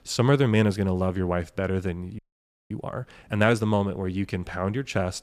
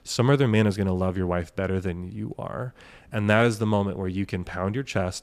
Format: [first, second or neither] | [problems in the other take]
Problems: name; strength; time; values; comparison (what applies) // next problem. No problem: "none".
second | audio freezing; at 2 s for 0.5 s